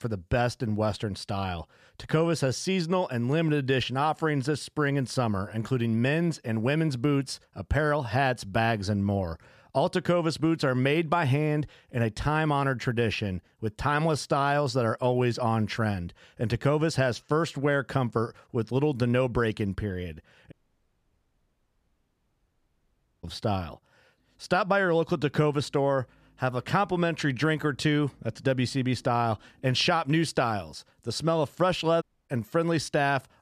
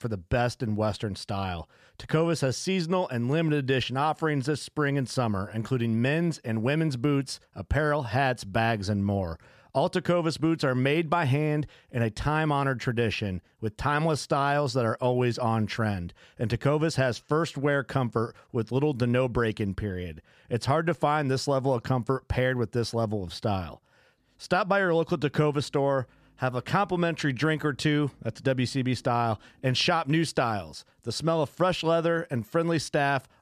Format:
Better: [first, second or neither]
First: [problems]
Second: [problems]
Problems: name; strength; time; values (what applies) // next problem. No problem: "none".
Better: second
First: audio cutting out; at 21 s for 2.5 s and at 32 s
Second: none